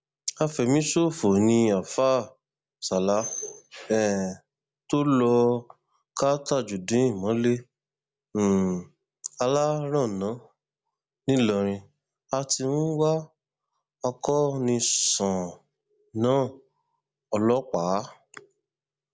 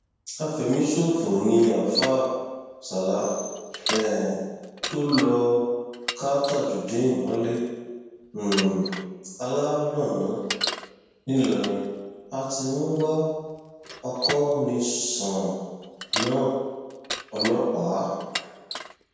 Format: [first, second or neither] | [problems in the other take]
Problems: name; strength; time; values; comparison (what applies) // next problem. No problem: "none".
first | background sound (Bicycle); 10 dB below the speech // room echo; dies away in 1.2 s